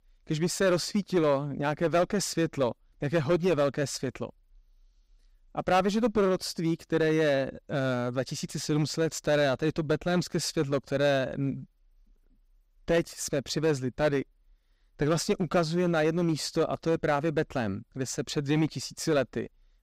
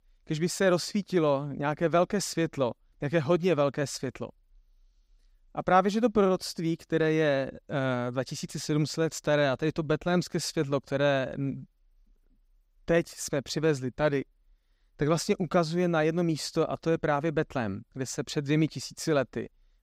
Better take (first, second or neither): second